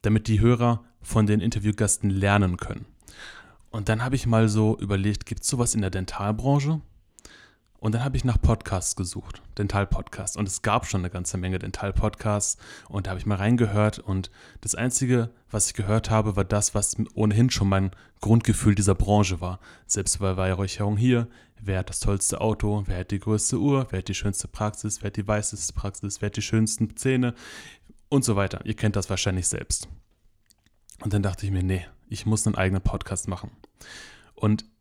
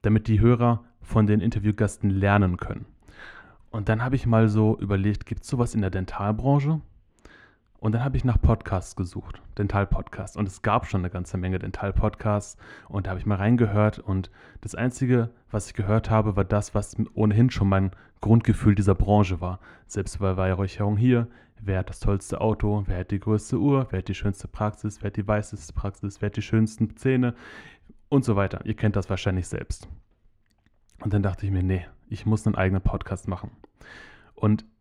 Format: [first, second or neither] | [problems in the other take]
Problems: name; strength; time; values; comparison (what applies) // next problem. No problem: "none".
first | muffled; very; fading above 3.5 kHz